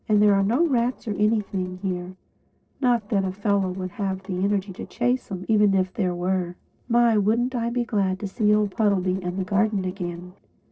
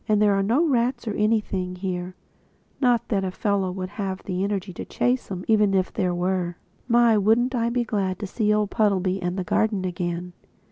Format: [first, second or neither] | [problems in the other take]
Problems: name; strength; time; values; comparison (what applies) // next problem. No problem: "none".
second | noise reduction (neural separator model SepFormer DNS4)